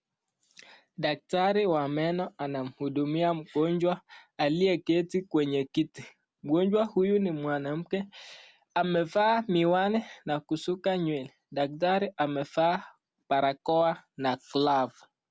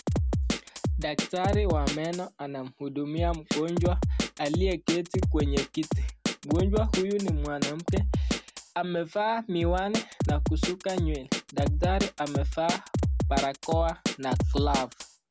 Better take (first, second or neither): first